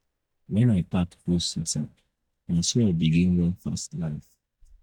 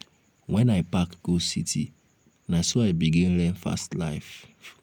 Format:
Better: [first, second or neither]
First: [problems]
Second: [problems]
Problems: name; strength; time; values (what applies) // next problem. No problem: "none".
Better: second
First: noise reduction (neural mask model DeepFilterNet 3)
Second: none